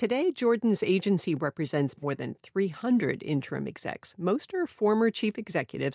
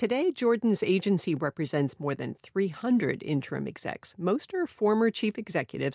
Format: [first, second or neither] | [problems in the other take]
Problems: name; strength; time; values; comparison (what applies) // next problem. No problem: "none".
second | noise reduction (neural mask model DeepFilterNet 3)